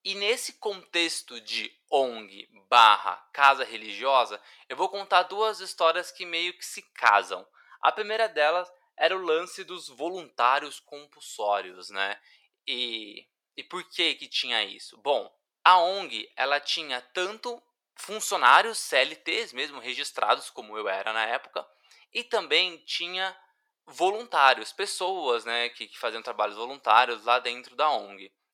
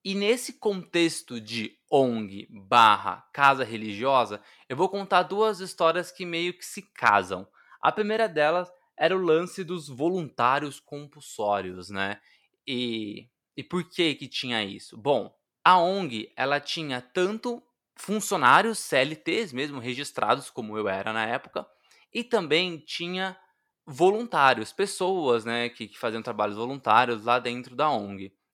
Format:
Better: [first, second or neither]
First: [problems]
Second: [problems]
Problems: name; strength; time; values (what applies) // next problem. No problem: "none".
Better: second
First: thin; very; fading below 600 Hz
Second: none